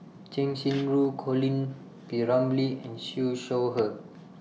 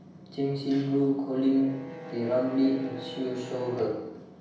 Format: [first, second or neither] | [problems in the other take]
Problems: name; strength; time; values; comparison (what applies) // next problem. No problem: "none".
first | background sound (Bowed string instrument); 16 dB below the speech // room echo; dies away in 0.9 s